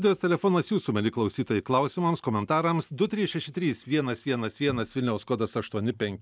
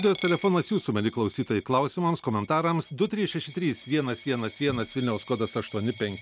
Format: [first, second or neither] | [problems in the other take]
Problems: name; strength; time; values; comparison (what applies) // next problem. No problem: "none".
first | background sound (Coin (dropping)); 19 dB below the speech